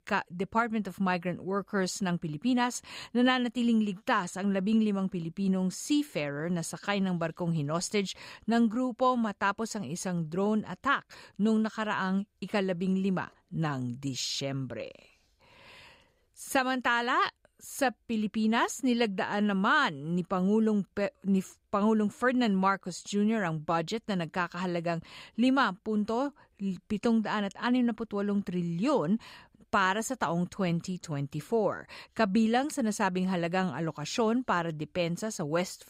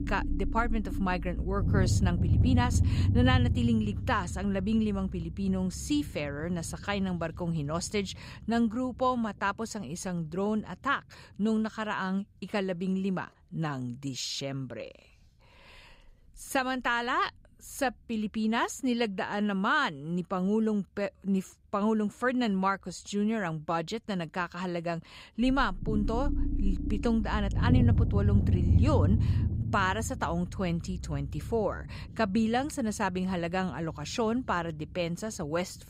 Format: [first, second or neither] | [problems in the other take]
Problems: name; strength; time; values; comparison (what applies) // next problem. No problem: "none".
first | low rumble; noticeable; throughout; 10 dB below the speech